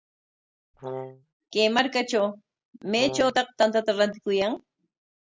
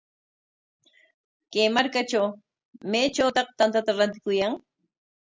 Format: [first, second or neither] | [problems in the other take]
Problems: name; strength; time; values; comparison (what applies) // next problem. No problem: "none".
second | background sound (Brass instrument); 10 dB below the speech